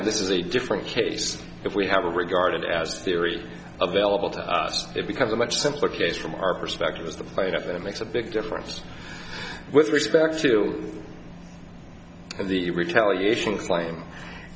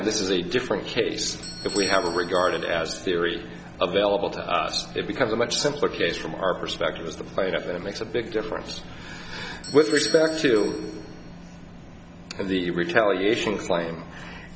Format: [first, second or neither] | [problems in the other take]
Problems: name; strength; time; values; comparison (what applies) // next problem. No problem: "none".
first | background sound (Bell / Doorbell); 17 dB below the speech